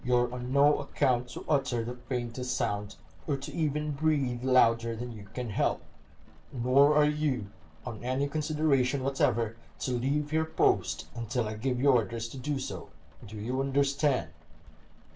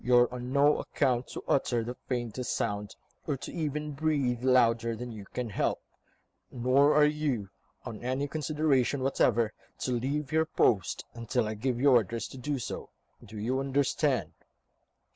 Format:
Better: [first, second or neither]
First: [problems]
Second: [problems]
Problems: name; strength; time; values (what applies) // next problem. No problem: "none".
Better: second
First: background sound (Rain); 15 dB below the speech // room echo; dies away in 0.3 s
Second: none